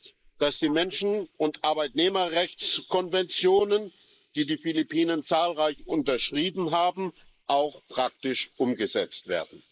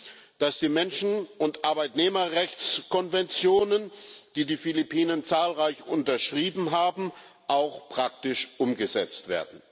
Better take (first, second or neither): second